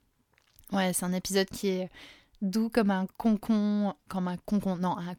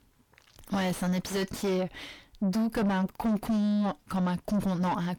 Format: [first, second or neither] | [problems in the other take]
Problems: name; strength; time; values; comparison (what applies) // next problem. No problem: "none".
first | distortion; heavy; 6 dB below the speech